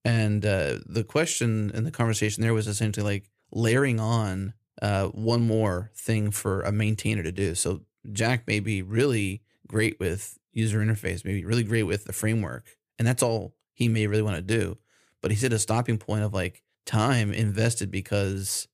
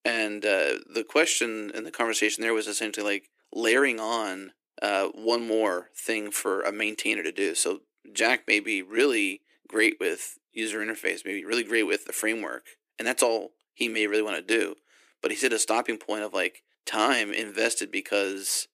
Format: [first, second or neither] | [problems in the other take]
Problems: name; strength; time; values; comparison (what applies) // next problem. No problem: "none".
first | thin; very; fading below 300 Hz